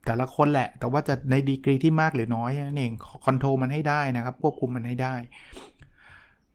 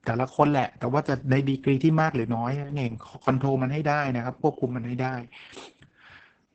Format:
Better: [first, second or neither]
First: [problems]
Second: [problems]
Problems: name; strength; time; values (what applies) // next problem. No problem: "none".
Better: first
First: garbled, watery; slightly; nothing above 17.5 kHz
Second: garbled, watery; badly; nothing above 8 kHz